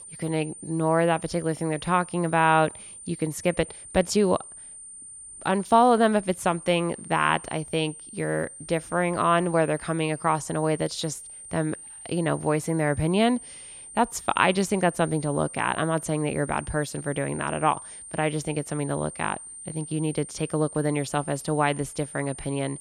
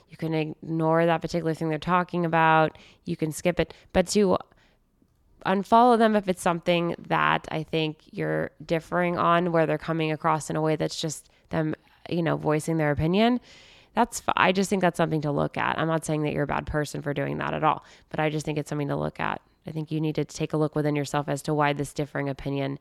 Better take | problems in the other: second | high-pitched whine; noticeable; throughout; 9 kHz, 15 dB below the speech

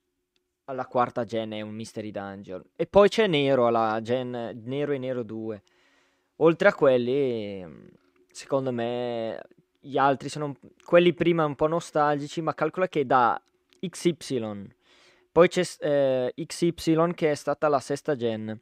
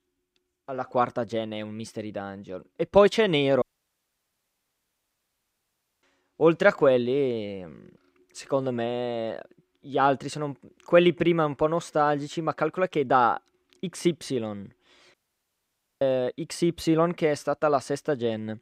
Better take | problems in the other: first | audio cutting out; at 3.5 s for 2.5 s and at 15 s for 1 s

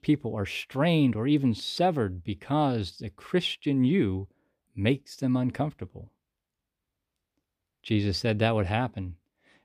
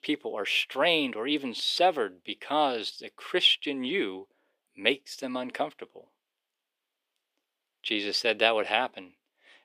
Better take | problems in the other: first | thin; somewhat; fading below 400 Hz

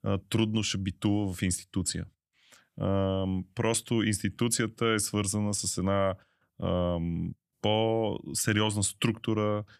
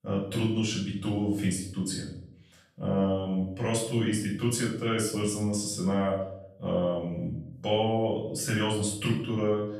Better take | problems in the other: first | room echo; noticeable; dies away in 0.6 s // off-mic speech; far

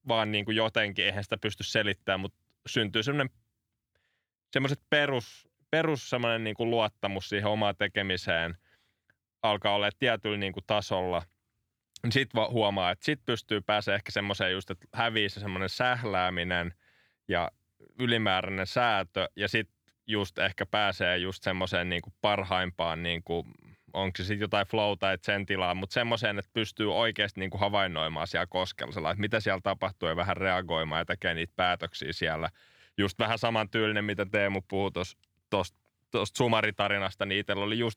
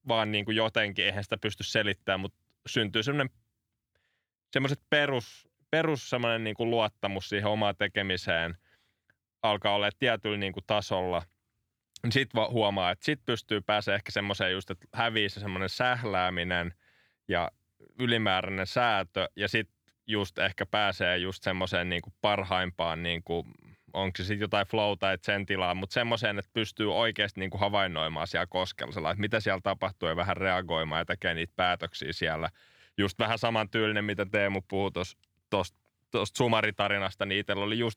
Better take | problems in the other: neither | none

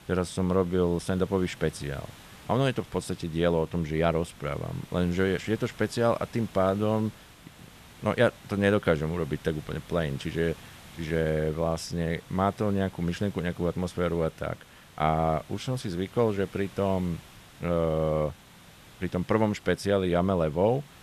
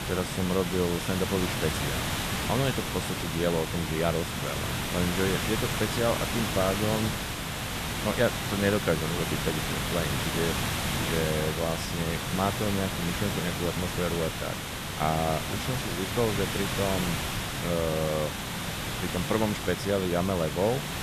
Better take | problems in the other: first | hiss; loud; throughout; 1 dB below the speech; faint in the first

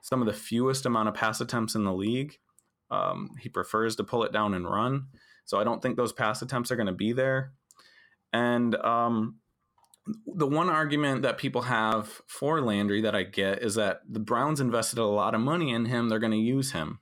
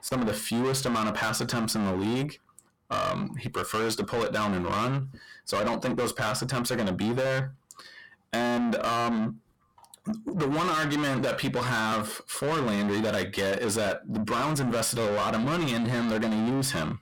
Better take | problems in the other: first | distortion; heavy; 6 dB below the speech

